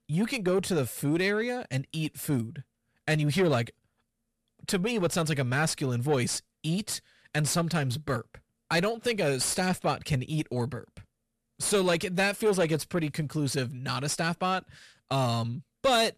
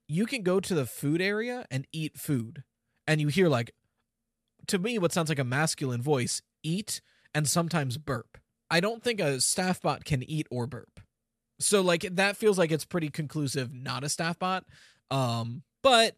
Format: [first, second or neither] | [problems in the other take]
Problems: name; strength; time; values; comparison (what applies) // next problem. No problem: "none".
second | distortion; slight; 10 dB below the speech